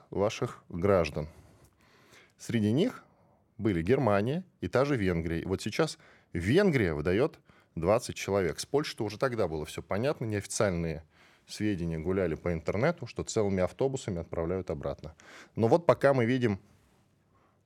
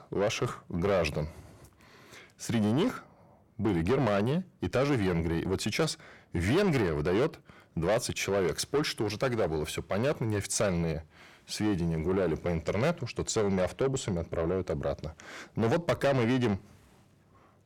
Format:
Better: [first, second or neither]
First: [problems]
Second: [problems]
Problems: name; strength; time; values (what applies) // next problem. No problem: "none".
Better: first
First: none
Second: distortion; heavy; 7 dB below the speech